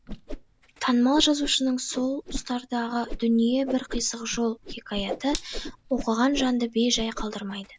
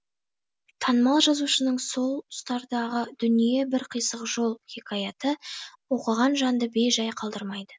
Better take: second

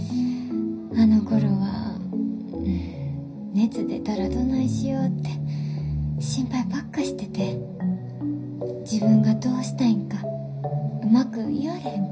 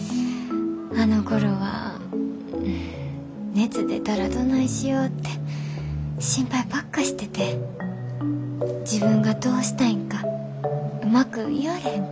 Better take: second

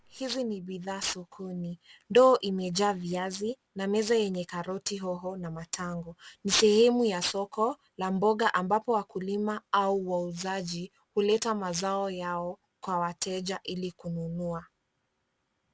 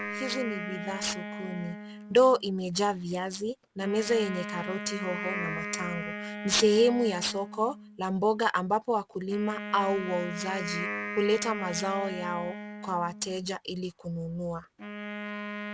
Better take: first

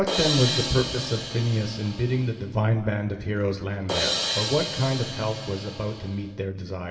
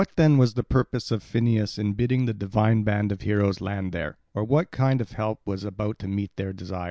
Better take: second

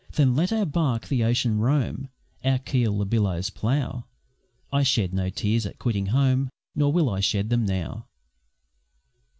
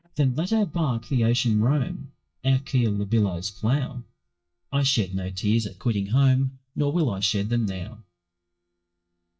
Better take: first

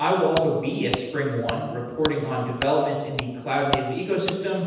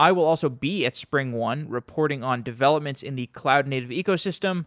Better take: second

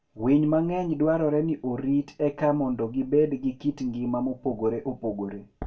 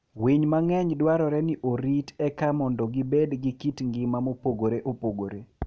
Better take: second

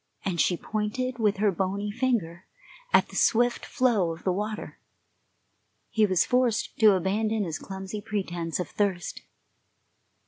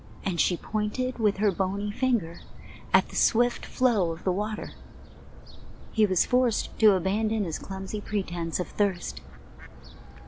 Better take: first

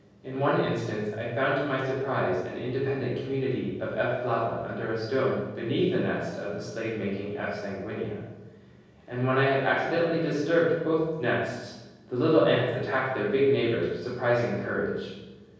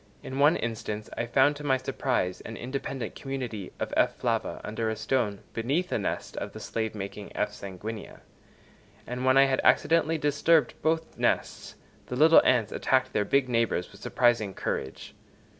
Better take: second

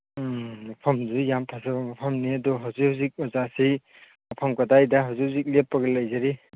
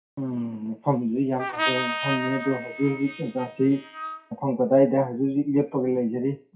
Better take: first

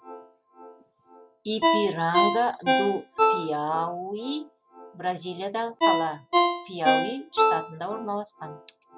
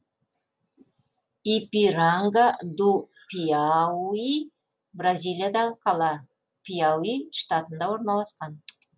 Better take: second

